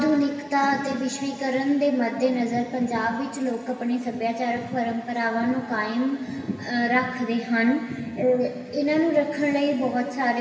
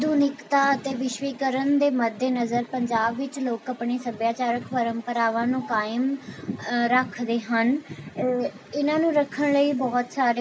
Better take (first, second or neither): second